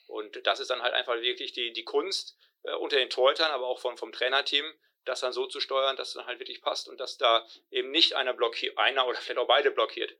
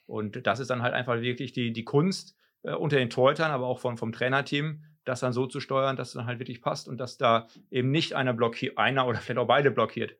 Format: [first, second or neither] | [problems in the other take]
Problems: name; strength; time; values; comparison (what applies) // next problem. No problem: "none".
second | thin; very; fading below 350 Hz